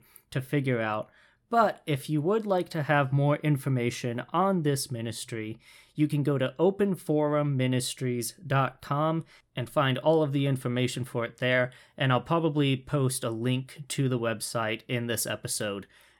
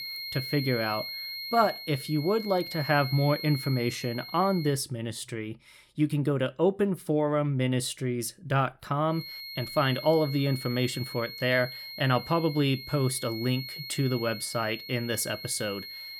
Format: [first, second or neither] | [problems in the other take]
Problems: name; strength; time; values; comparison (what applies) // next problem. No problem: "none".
first | high-pitched whine; loud; until 4.5 s and from 9 s on; 4 kHz, 9 dB below the speech